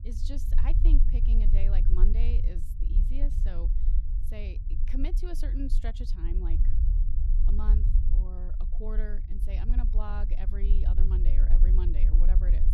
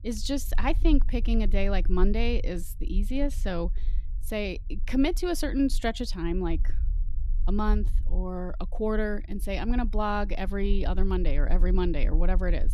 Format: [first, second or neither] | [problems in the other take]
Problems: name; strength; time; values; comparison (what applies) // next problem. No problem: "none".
second | low rumble; loud; throughout; 4 dB below the speech; faint in the second